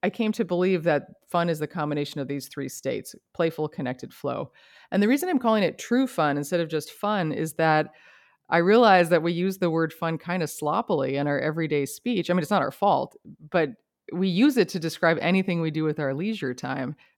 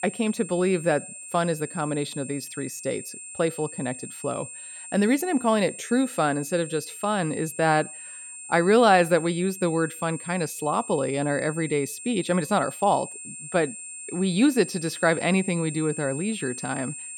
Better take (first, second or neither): first